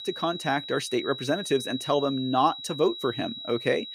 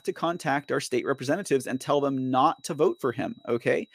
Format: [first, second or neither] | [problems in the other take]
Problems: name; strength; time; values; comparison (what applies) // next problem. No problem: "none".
second | high-pitched whine; loud; throughout; 4 kHz, 9 dB below the speech; faint in the second